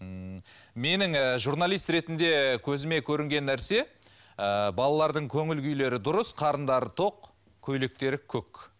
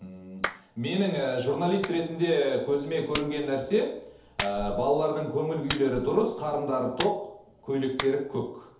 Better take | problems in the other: first | background sound (Clapping); 13 dB below the speech // room echo; dies away in 2.2 s

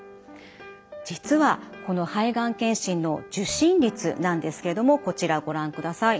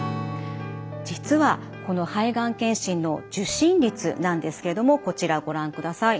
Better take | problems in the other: first | background sound (Strum); 13 dB below the speech

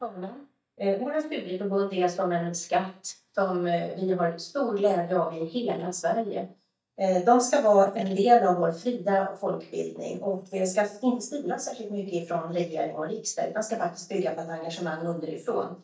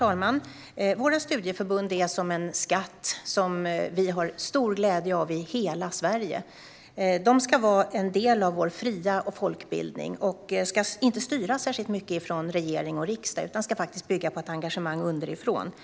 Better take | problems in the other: second | noise reduction (neural mask model DeepFilterNet 3)

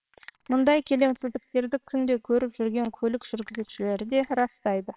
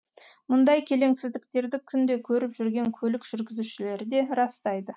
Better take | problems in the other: second | noise reduction (neural separator model SepFormer WHAMR!)

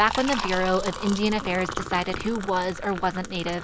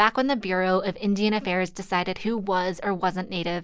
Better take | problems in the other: second | background sound (Liquid); 8 dB below the speech

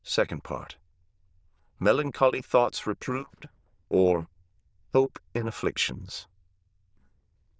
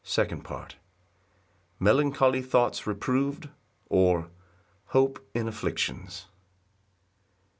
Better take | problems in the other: second | noise reduction (neural diffusion model UNIVERSE++)

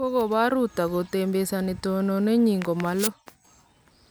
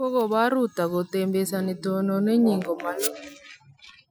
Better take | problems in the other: first | noise reduction (classical method Wiener filter)

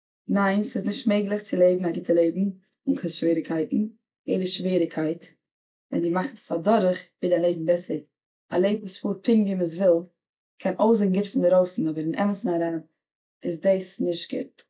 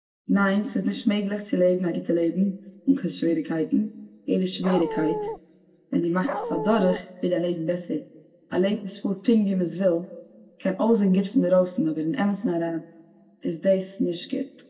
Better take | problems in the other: first | background sound (Dog); 5 dB below the speech // room echo; dies away in 0.9 s

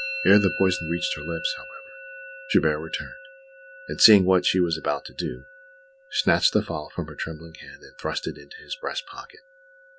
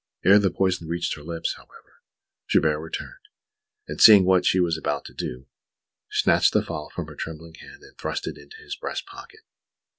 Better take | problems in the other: second | background sound (Musical instrument); 14 dB below the speech

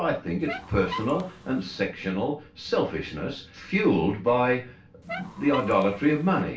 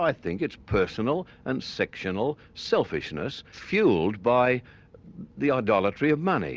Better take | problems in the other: second | background sound (Squeak); 12 dB below the speech // room echo; dies away in 0.3 s

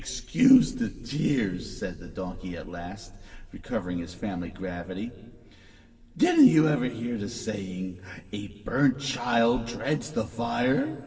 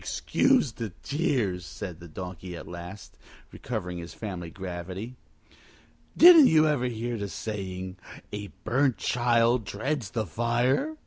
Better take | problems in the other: second | room echo; dies away in 2.7 s

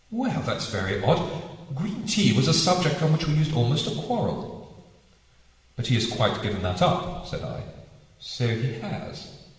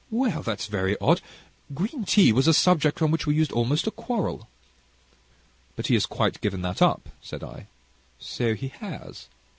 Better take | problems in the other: second | room echo; dies away in 1.2 s

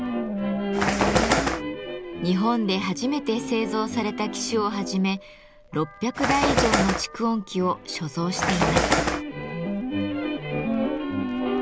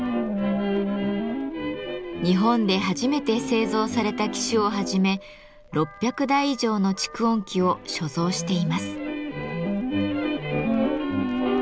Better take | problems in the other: second | background sound (Bird); 3 dB above the speech

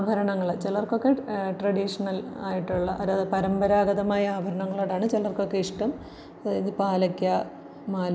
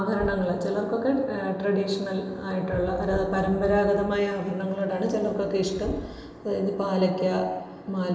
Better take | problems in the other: first | background sound (Knock); 18 dB below the speech // room echo; dies away in 1.4 s

